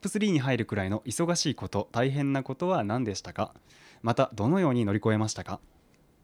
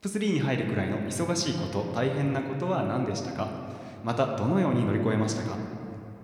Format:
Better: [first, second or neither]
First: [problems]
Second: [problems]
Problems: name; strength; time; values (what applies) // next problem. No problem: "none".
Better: first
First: none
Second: room echo; slight; dies away in 2.2 s